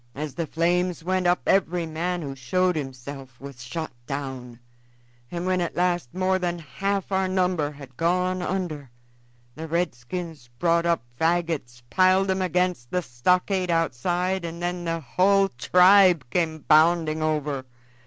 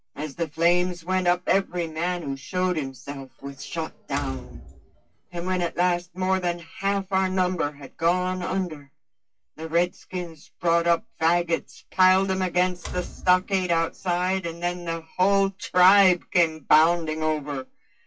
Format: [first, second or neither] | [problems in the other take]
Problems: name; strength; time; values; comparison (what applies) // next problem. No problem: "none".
first | noise reduction (classical method WPE with log-MMSE)